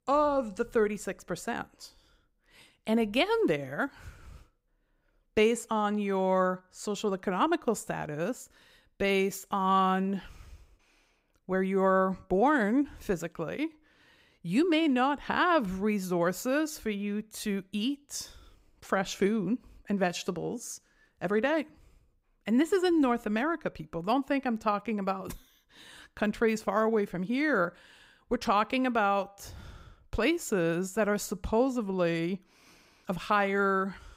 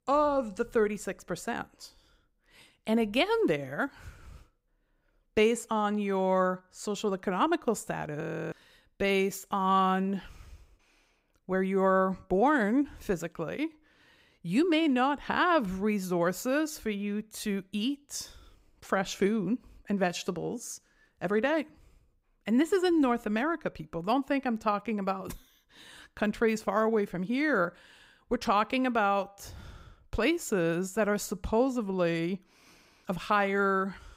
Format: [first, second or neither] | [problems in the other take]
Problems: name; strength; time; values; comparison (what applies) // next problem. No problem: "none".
first | audio freezing; at 8 s